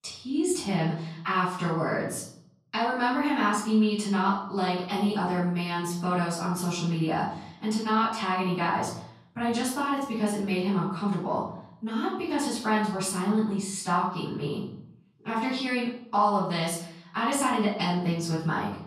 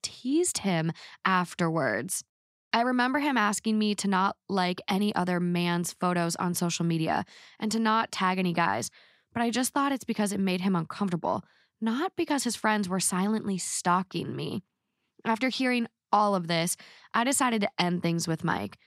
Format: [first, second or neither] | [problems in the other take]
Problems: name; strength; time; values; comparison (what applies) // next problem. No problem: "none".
second | off-mic speech; far // room echo; noticeable; dies away in 0.7 s